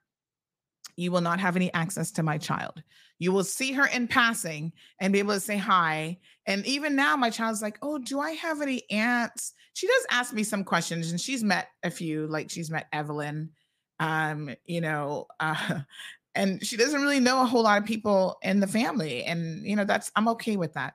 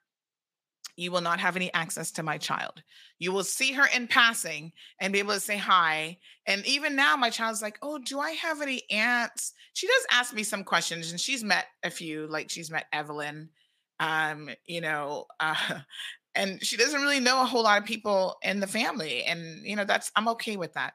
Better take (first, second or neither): first